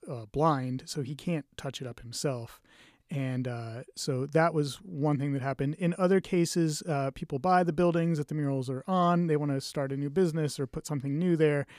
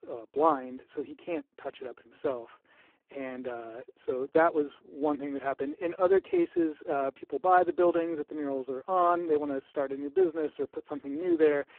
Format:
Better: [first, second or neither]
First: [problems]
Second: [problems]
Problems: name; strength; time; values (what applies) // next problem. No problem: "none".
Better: first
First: none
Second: phone-call audio; poor line